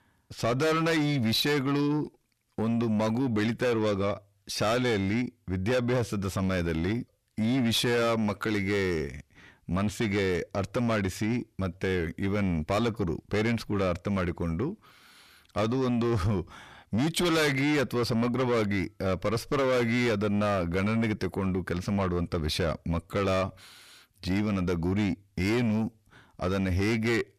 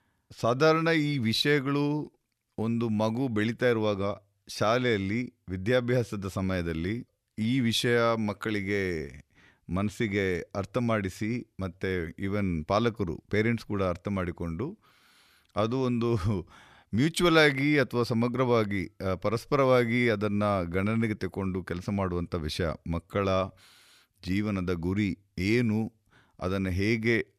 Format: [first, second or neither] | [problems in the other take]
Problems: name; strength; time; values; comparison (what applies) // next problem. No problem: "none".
second | distortion; heavy; 7 dB below the speech